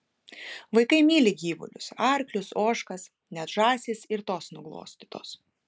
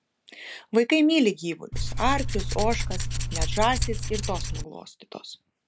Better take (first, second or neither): first